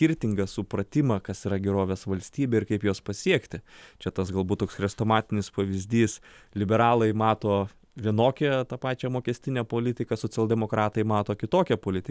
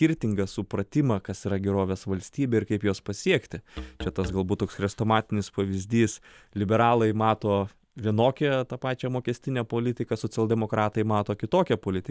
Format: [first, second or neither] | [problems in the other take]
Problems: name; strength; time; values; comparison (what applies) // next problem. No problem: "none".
first | noise reduction (neural mask model DeepFilterNet 3)